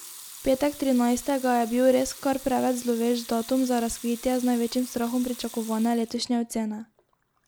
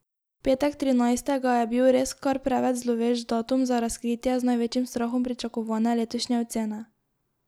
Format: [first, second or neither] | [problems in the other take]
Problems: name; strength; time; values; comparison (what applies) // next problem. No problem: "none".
second | background sound (Sink (filling or washing) / Water tap, faucet / Liquid); 18 dB below the speech